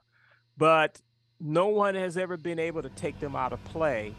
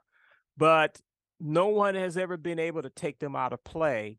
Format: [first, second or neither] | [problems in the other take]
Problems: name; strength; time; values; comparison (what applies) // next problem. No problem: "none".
second | machinery noise; noticeable; throughout; 20 dB below the speech